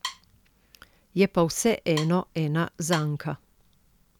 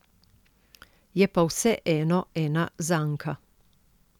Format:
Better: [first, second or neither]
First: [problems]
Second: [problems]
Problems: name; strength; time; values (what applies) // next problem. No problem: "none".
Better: second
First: background sound (Wood); 14 dB below the speech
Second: none